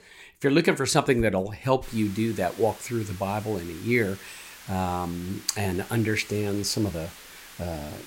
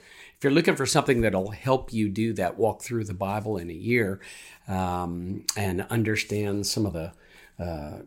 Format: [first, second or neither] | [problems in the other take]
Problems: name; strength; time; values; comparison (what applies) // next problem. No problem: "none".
second | hiss; noticeable; from 2 s on; 15 dB below the speech